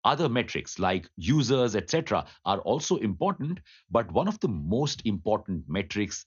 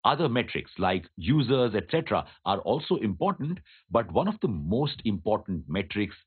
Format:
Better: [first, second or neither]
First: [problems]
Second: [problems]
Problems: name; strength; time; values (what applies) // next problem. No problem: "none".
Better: first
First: garbled, watery; slightly; nothing above 6.5 kHz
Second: garbled, watery; badly; nothing above 4 kHz